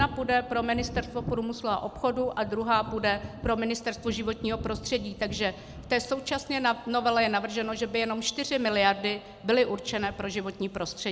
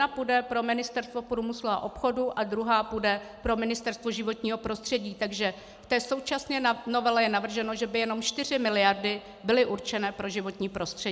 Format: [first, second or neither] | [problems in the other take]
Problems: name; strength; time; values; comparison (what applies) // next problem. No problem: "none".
second | background sound (Thunder); 13 dB below the speech